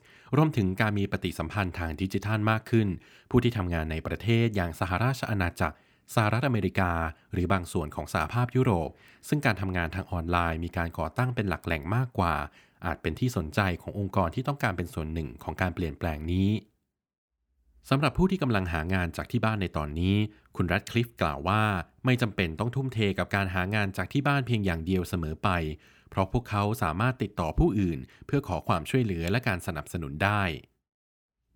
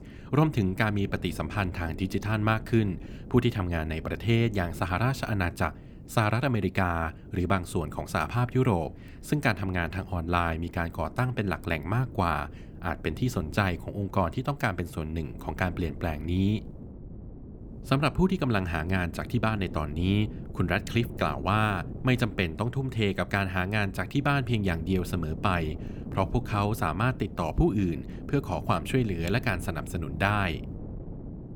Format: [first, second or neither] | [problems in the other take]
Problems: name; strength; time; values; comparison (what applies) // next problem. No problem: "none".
first | wind noise on the microphone; occasional gusts; 20 dB below the speech